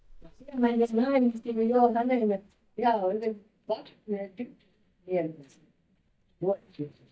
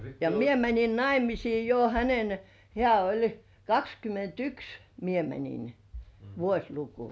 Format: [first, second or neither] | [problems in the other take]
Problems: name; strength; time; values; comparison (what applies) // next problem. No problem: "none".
second | noise reduction (neural mask model DeepFilterNet 3)